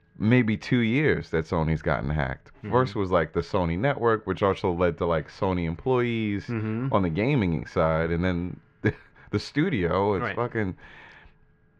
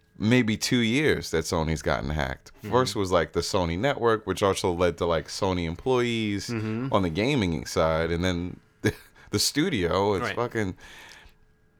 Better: second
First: muffled; slightly; fading above 2 kHz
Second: none

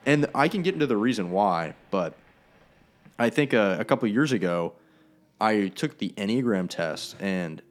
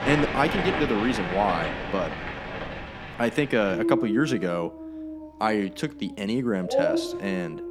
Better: first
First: animal sounds; faint; throughout; 30 dB below the speech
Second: animal sounds; loud; throughout; 3 dB below the speech

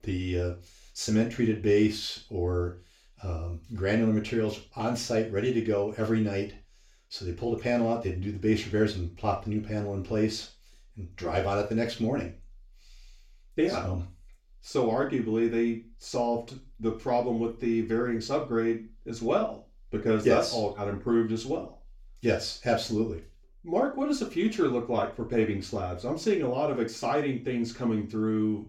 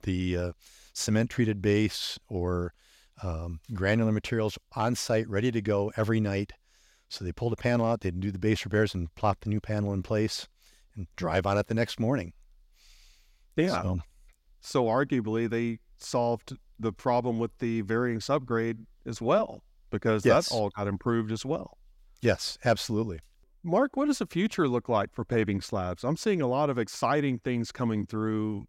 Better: second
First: room echo; slight; dies away in 0.3 s // off-mic speech; far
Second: none

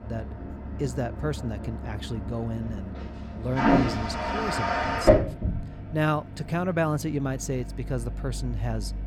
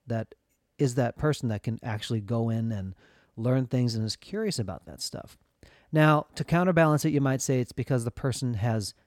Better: second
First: household noises; very loud; throughout; 2 dB above the speech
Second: none

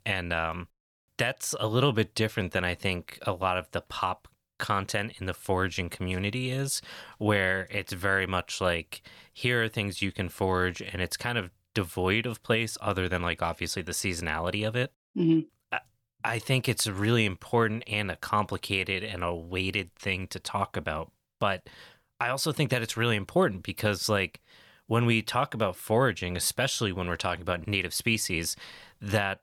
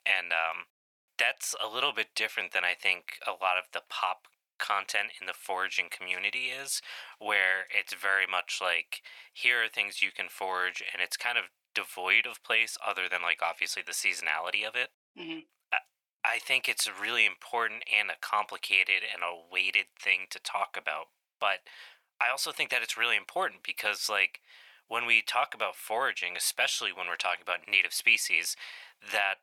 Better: first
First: none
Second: thin; very; fading below 800 Hz

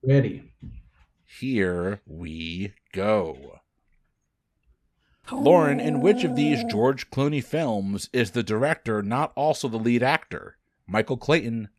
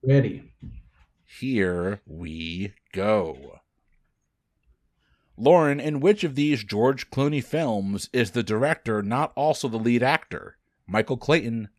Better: second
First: dog barking; noticeable; from 5.5 to 7 s; peak 2 dB below the speech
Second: none

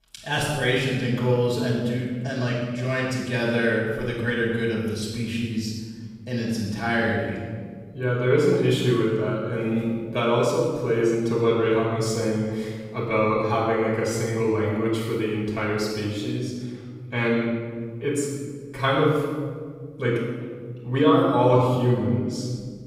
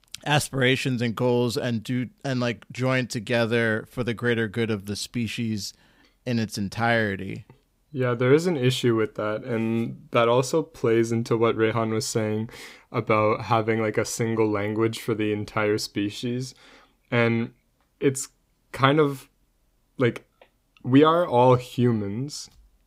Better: second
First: room echo; strong; dies away in 1.6 s // off-mic speech; far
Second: none

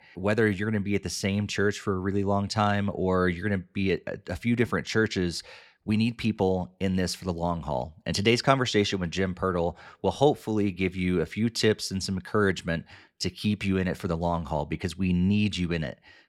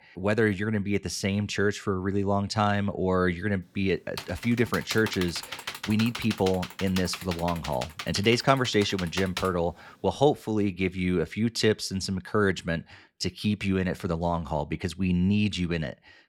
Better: first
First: none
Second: keyboard typing; noticeable; from 4 to 9.5 s; peak 7 dB below the speech

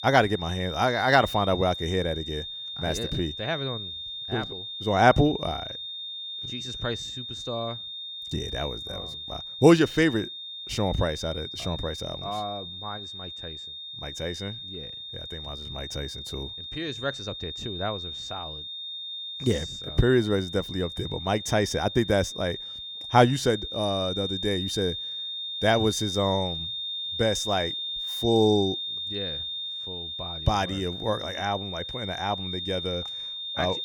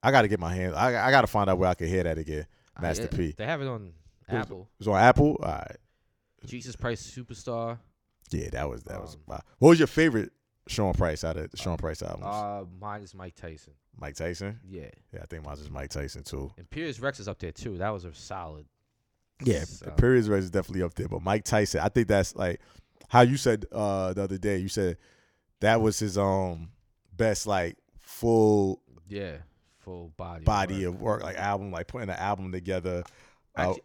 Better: second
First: high-pitched whine; loud; throughout; 3.5 kHz, 6 dB below the speech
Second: none

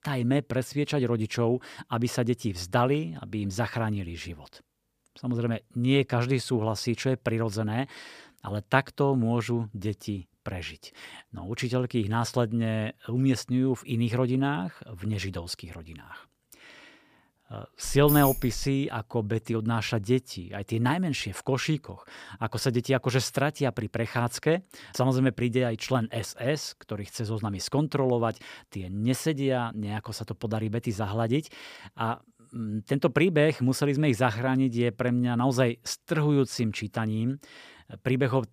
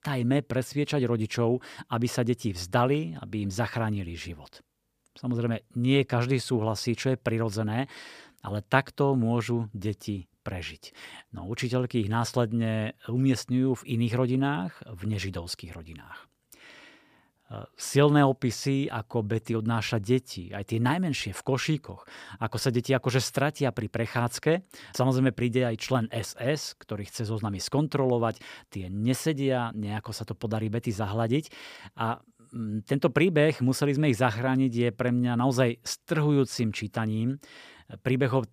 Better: second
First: jangling keys; noticeable; at 18 s; peak 1 dB below the speech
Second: none

